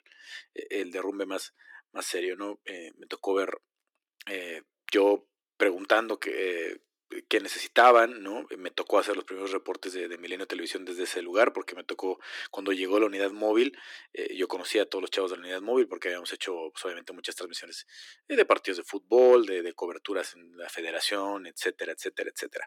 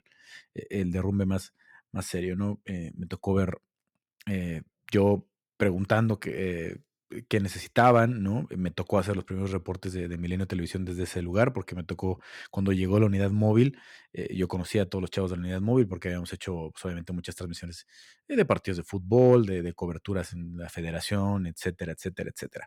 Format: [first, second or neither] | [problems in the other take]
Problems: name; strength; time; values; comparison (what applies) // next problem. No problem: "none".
second | thin; very; fading below 300 Hz